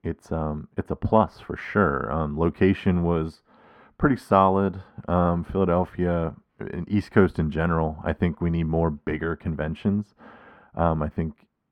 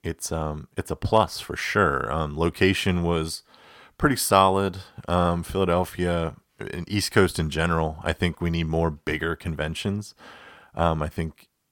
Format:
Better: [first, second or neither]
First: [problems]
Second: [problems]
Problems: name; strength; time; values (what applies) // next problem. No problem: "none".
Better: second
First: muffled; very; fading above 3 kHz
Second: none